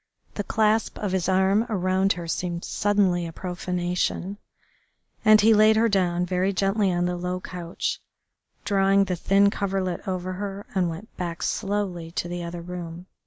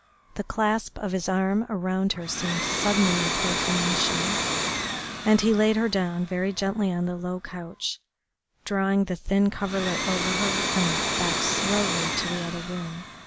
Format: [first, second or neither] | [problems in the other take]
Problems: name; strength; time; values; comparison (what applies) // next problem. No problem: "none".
first | background sound (Domestic sounds, home sounds); 3 dB below the speech